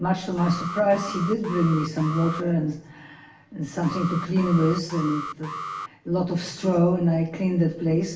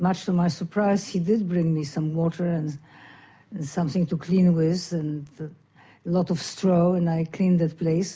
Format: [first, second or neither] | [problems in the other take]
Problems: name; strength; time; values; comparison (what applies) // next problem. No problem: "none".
second | background sound (Alarm); 12 dB below the speech // room echo; dies away in 0.8 s